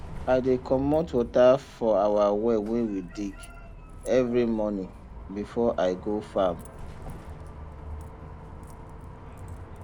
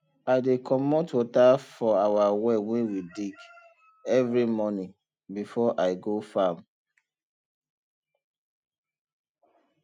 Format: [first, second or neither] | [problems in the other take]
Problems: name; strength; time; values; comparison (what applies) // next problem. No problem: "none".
second | background sound (Bus); 14 dB below the speech